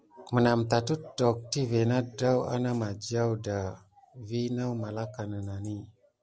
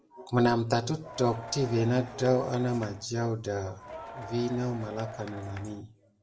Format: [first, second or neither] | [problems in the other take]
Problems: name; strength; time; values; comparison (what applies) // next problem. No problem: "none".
first | background sound (Crowd); 14 dB below the speech // room echo; dies away in 0.4 s